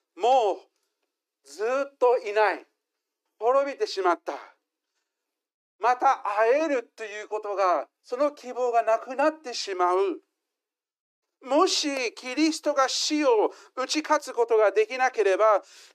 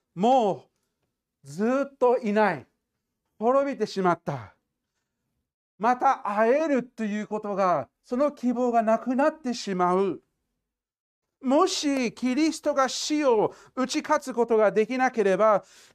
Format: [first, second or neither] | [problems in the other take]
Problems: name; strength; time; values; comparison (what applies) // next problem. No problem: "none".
second | thin; somewhat; fading below 300 Hz